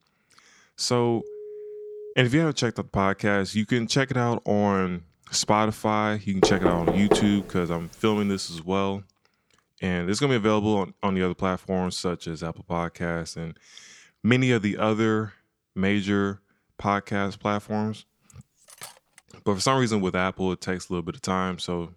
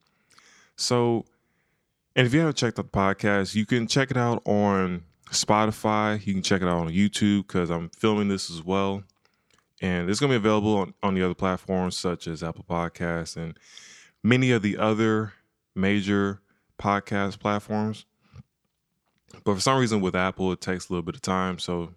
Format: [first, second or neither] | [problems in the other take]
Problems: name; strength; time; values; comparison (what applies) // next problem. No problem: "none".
second | phone ringing; faint; from 1 to 2 s; peak 15 dB below the speech // door banging; loud; at 6.5 s; peak 2 dB above the speech // clattering dishes; faint; at 18 s; peak 15 dB below the speech